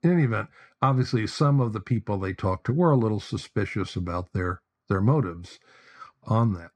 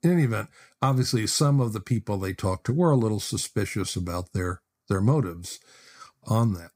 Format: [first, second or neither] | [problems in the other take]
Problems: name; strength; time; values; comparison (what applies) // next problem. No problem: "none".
second | muffled; slightly; fading above 3 kHz